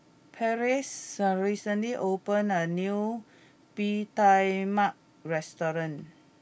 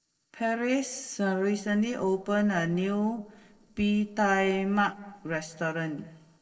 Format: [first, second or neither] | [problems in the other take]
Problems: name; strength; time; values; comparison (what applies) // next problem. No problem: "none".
first | noise reduction (neural separator model SepFormer DNS4)